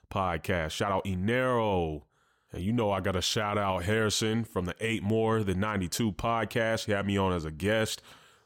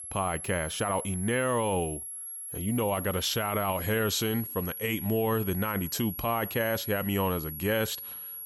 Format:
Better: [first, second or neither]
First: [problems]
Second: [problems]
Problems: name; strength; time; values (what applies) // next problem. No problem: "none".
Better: first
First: none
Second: high-pitched whine; loud; throughout; 11.5 kHz, 7 dB below the speech